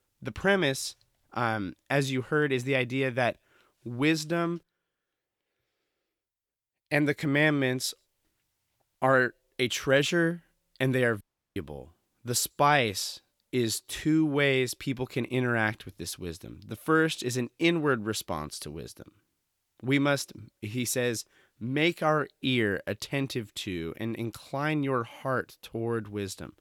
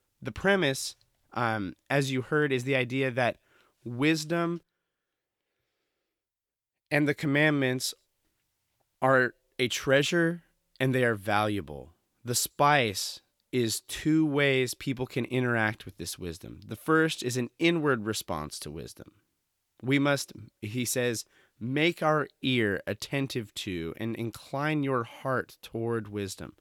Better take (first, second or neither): second